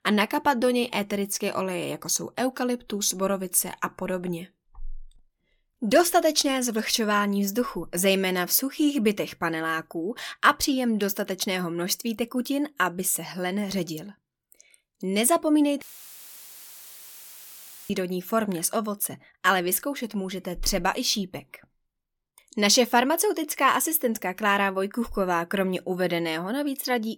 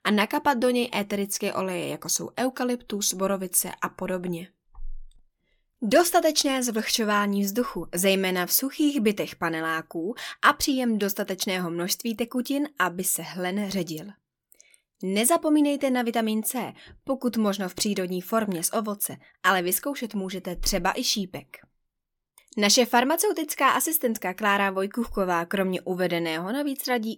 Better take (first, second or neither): second